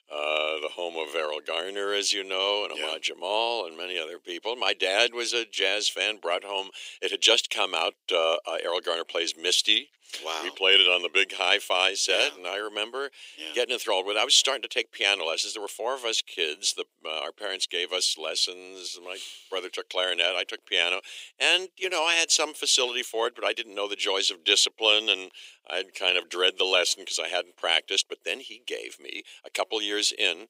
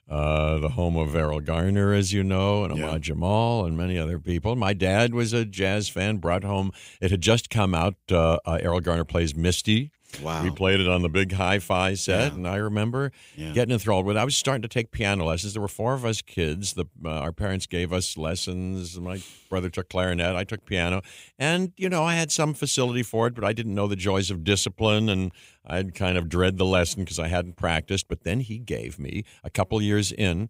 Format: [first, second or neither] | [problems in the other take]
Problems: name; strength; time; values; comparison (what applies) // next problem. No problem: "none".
second | thin; very; fading below 350 Hz